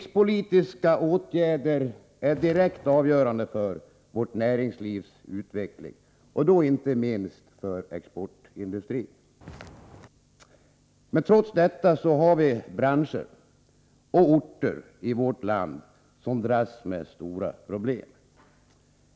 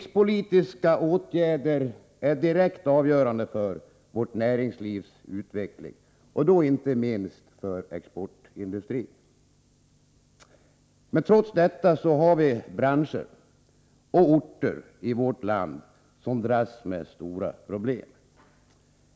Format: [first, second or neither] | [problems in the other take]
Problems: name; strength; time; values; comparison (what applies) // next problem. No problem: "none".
second | background sound (Walk, footsteps); 19 dB below the speech